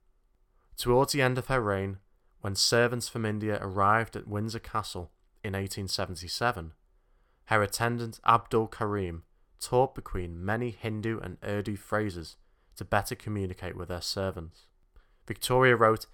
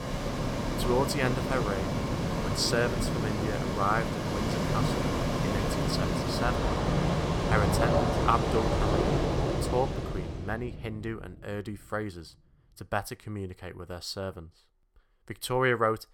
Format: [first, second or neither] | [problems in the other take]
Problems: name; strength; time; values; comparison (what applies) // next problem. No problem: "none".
first | rain or running water; very loud; until 10 s; 3 dB above the speech